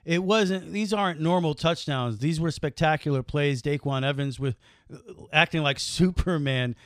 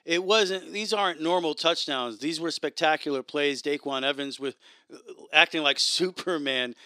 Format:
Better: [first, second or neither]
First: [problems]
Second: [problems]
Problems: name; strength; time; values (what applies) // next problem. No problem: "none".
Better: first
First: none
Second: thin; somewhat; fading below 300 Hz